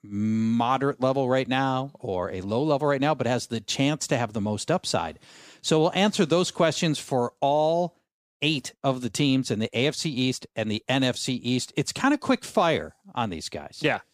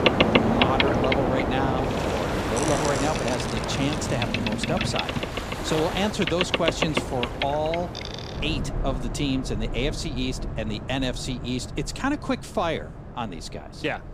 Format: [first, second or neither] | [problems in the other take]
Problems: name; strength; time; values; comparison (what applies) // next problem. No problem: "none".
first | train or aircraft noise; very loud; throughout; 2 dB above the speech